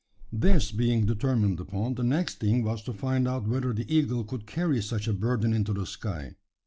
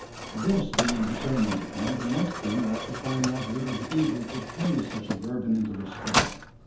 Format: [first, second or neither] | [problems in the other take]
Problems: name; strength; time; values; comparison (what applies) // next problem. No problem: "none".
first | background sound (Mechanisms); 4 dB below the speech // room echo; dies away in 0.6 s